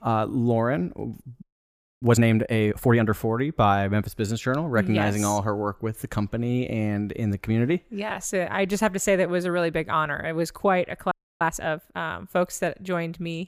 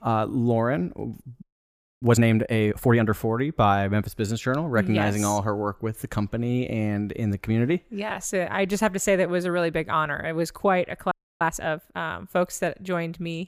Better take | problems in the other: neither | audio freezing; at 1.5 s for 0.5 s and at 11 s; the same in both

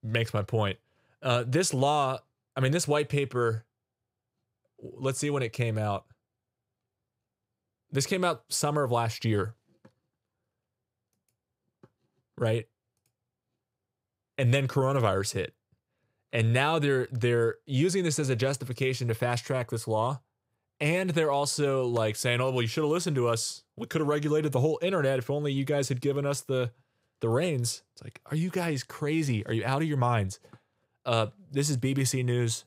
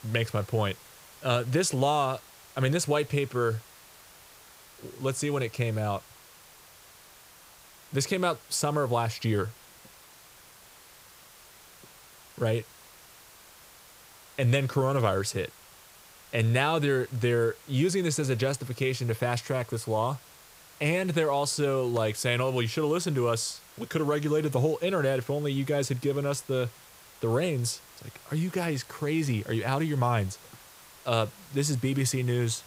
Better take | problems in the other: first | hiss; faint; throughout; 20 dB below the speech

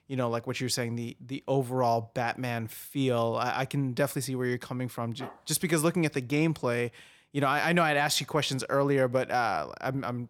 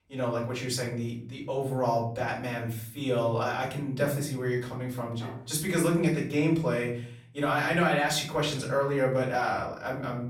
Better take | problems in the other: first | room echo; slight; dies away in 0.5 s // off-mic speech; far

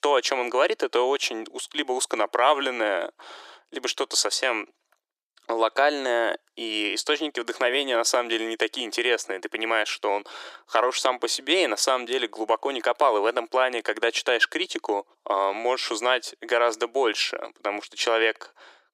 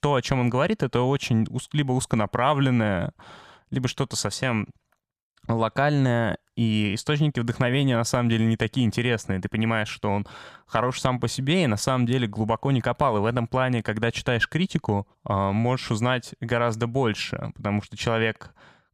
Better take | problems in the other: second | thin; very; fading below 300 Hz

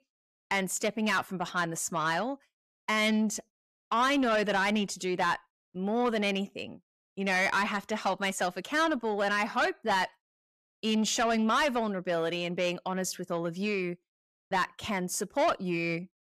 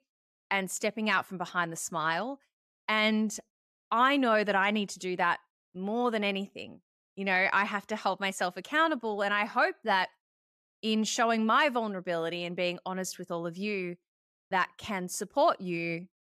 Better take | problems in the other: second | distortion; slight; 10 dB below the speech

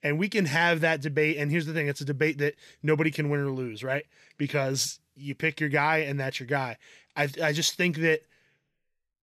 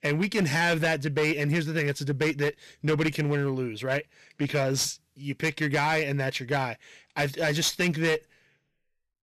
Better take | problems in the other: first | distortion; slight; 10% of the sound clipped

